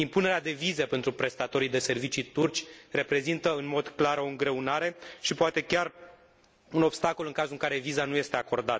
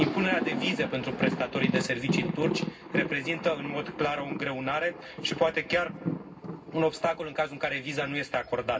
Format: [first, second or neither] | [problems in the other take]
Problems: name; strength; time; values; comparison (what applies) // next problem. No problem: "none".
first | background sound (Thunder); 4 dB below the speech // room echo; dies away in 0.4 s